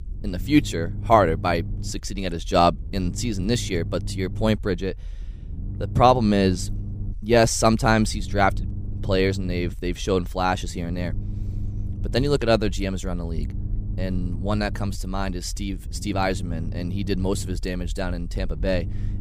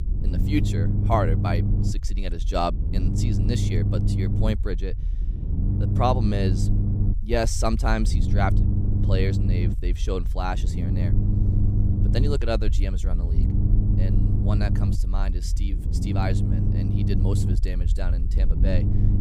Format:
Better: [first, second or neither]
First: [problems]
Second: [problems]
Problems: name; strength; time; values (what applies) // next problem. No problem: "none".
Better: first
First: low rumble; faint; throughout; 20 dB below the speech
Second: low rumble; loud; throughout; 6 dB below the speech